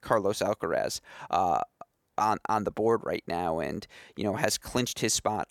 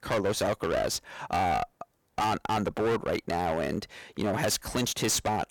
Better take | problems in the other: first | distortion; heavy; 17% of the sound clipped

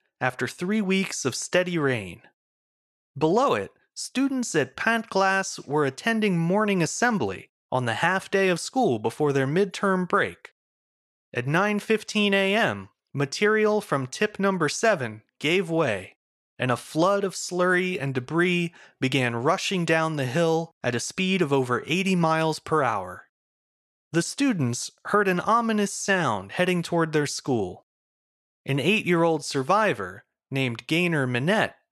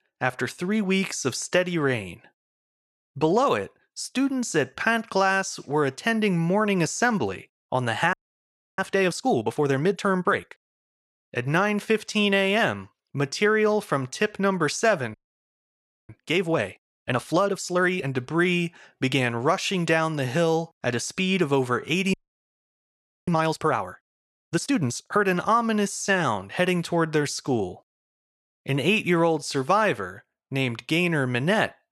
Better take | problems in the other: first | audio freezing; at 8 s for 0.5 s, at 15 s for 1 s and at 22 s for 1 s

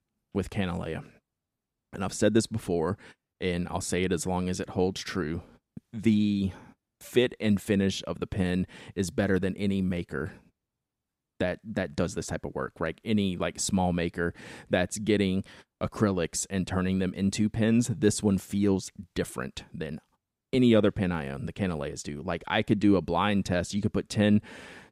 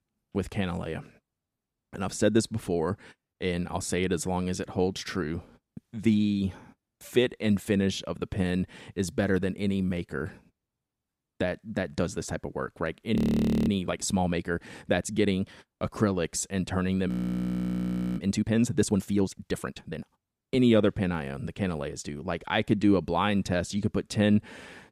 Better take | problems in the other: first | audio freezing; at 13 s for 0.5 s and at 17 s for 1 s

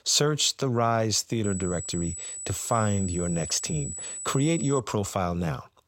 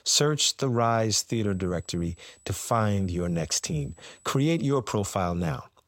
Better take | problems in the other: second | high-pitched whine; loud; from 1.5 to 5 s; 8 kHz, 7 dB below the speech; faint in the second

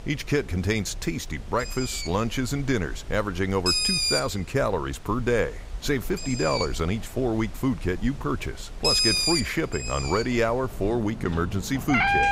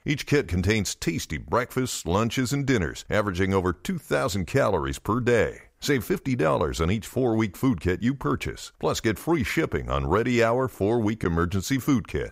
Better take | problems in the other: second | animal sounds; very loud; throughout; 1 dB above the speech

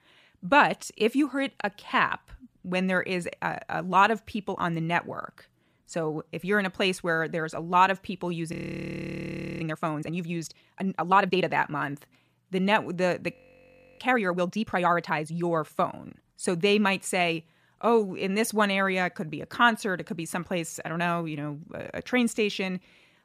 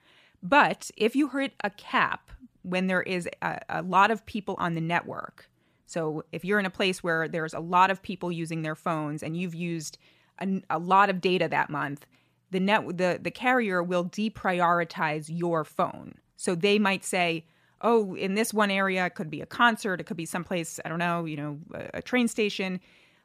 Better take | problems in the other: second | audio freezing; at 8.5 s for 1 s and at 13 s for 0.5 s

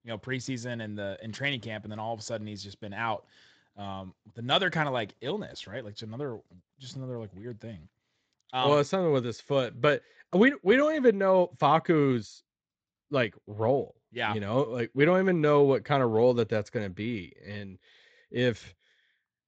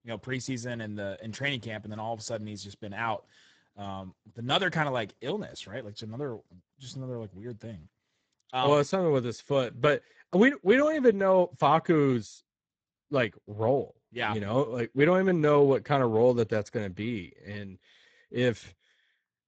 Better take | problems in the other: first | garbled, watery; badly; nothing above 7.5 kHz; slightly in the first

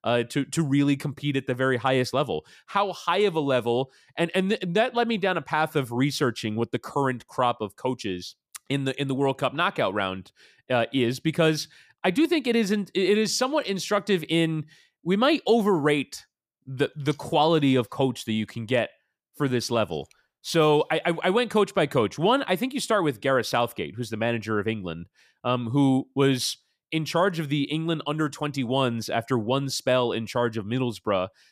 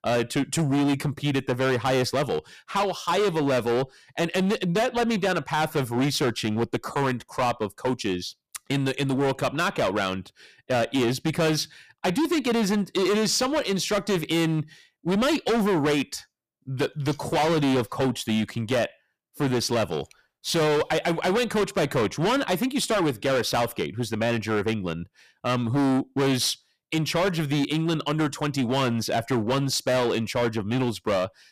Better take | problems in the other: first | distortion; heavy; 19% of the sound clipped

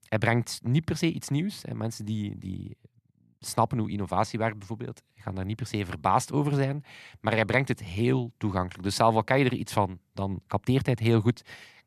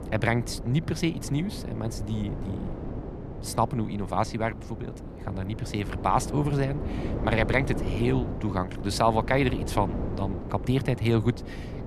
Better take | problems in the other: first | wind noise on the microphone; occasional gusts; 10 dB below the speech

